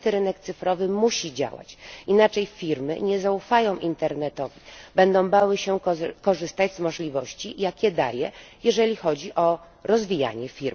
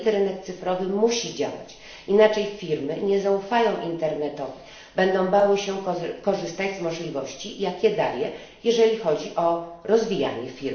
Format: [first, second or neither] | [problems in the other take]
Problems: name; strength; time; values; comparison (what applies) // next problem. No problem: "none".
first | room echo; dies away in 0.7 s